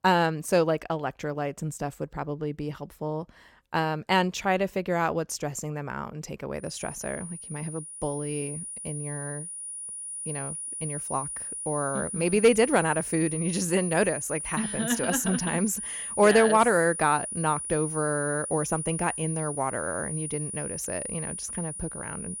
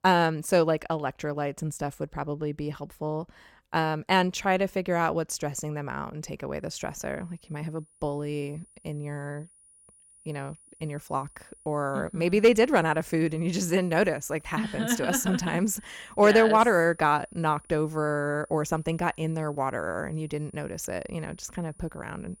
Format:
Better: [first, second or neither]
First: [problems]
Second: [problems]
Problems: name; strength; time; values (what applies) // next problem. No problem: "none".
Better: second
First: high-pitched whine; loud; from 6.5 s on; 9.5 kHz, 5 dB below the speech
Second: high-pitched whine; faint; from 6.5 s on; 9.5 kHz, 25 dB below the speech